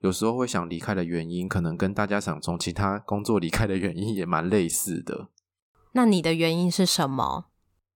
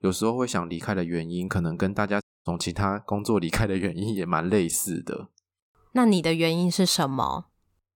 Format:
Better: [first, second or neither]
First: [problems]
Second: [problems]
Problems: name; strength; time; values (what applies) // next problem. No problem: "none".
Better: first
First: none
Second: audio cutting out; at 2 s